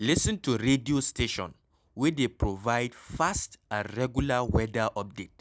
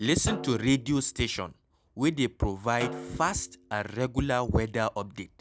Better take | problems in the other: first | background sound (Snare drum); 15 dB below the speech

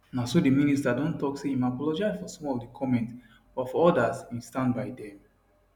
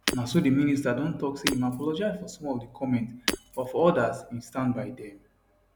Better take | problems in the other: first | background sound (Shatter); 9 dB below the speech

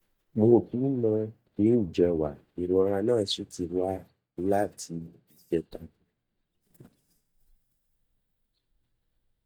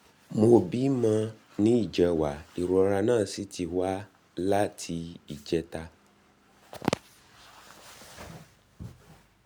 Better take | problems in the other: second | noise reduction (neural mask model DeepFilterNet 3)

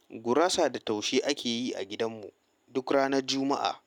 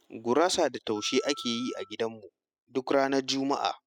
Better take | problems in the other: first | noise reduction (classical method spectral subtraction)

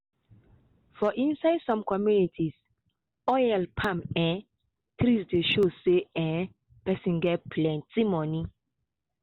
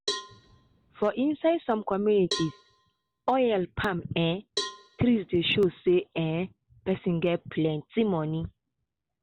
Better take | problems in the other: first | background sound (Cowbell); 12 dB below the speech

